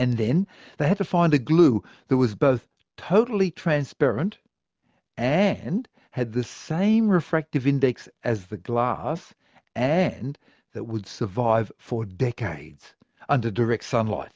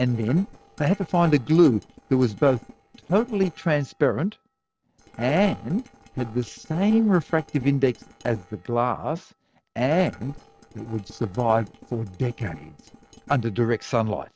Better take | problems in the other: first | noise reduction (neural separator model SepFormer DNS4)

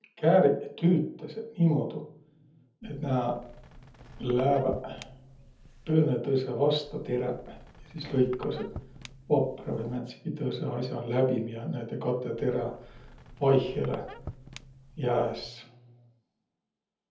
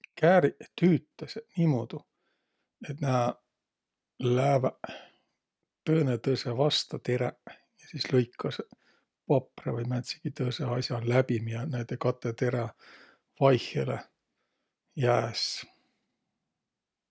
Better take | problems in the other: second | background sound (Squeak); 17 dB below the speech // room echo; dies away in 0.7 s

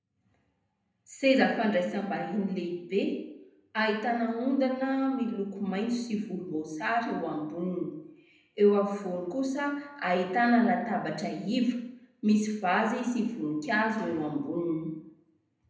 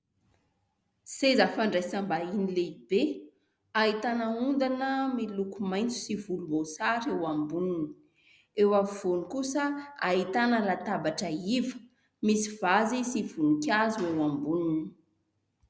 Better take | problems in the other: second | room echo; dies away in 0.7 s

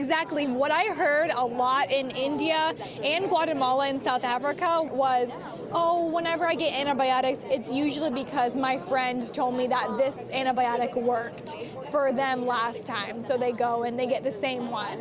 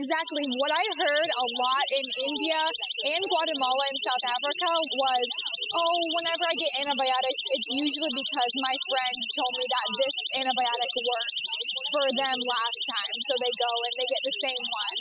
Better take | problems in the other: first | noise reduction (classical method spectral subtraction)

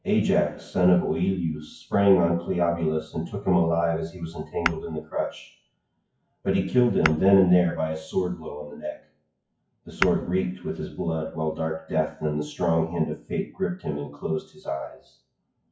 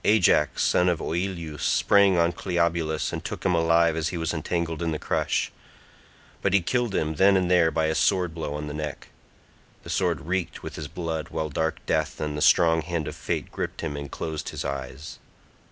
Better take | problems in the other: second | noise reduction (classical method WPE with log-MMSE)

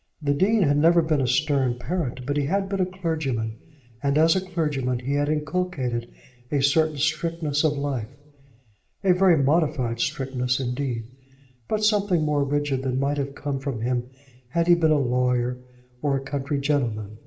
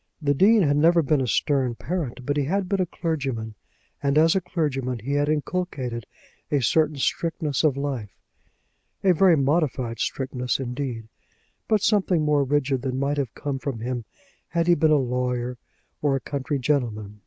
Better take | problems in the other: second | room echo; dies away in 0.7 s

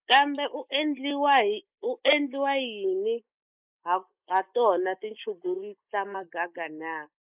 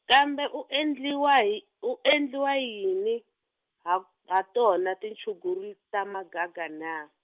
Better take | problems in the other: second | noise reduction (neural mask model Resemble Enhance denoiser)

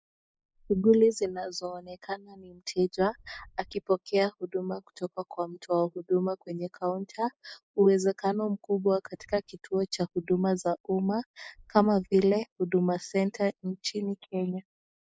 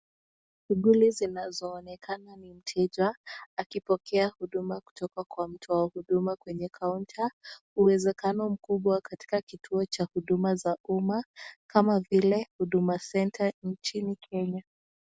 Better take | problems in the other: second | noise reduction (neural mask model Resemble Enhance denoiser)

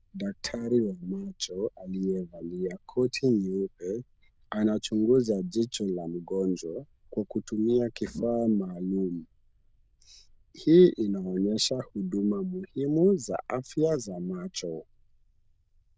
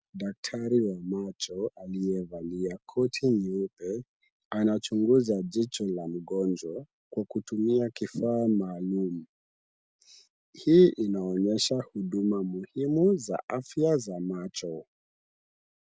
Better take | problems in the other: second | noise reduction (neural diffusion model UNIVERSE++)

